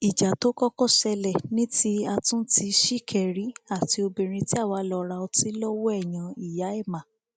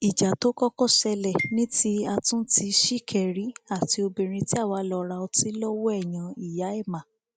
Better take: first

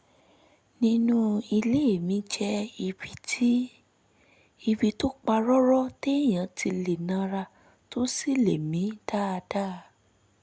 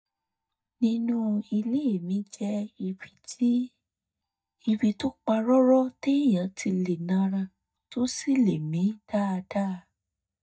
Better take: first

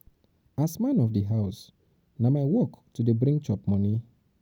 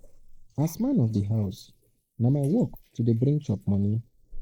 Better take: first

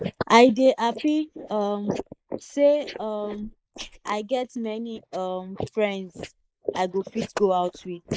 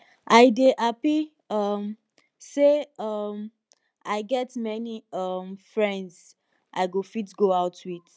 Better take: second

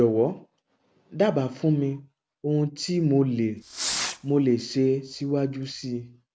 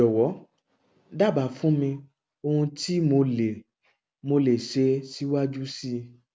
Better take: second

